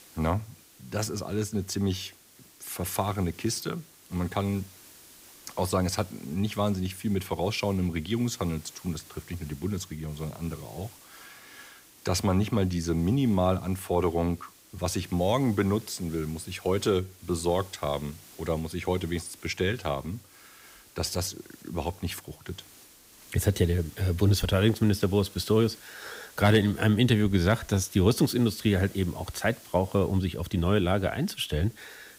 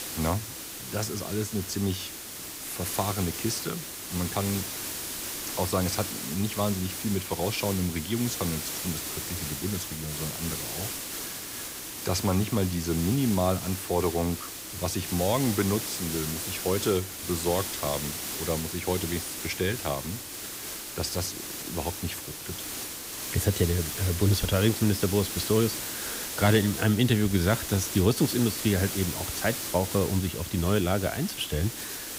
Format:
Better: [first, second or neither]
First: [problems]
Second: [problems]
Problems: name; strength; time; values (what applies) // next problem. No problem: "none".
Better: first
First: hiss; faint; throughout; 20 dB below the speech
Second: hiss; loud; throughout; 5 dB below the speech